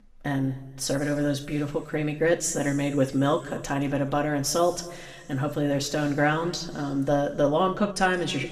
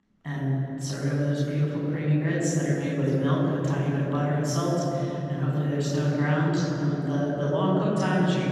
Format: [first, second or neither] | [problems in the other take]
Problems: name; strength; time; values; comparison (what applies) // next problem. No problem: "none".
first | room echo; strong; dies away in 3 s; slight in the first // off-mic speech; far; somewhat distant in the first